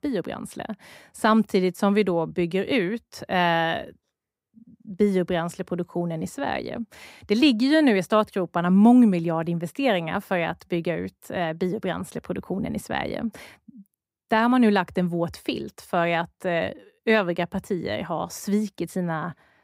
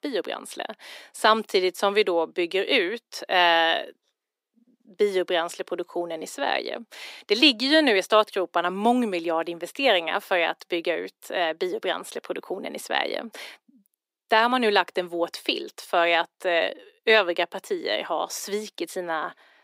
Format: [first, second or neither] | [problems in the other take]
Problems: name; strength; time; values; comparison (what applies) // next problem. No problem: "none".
first | thin; somewhat; fading below 350 Hz